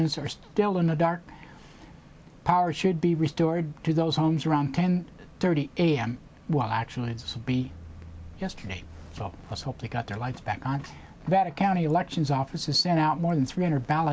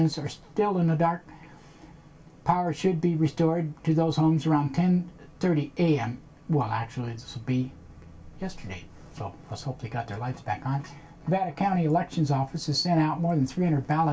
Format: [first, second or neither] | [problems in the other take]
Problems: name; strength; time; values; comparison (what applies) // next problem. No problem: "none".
first | room echo; dies away in 0.2 s